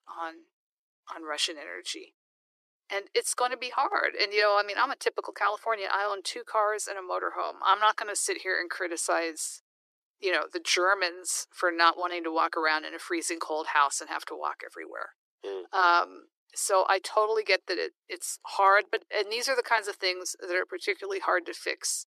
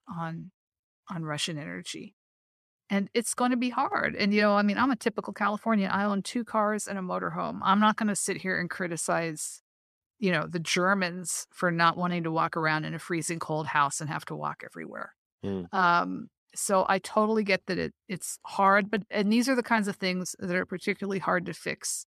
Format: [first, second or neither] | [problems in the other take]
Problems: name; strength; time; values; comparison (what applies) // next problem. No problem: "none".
second | thin; very; fading below 350 Hz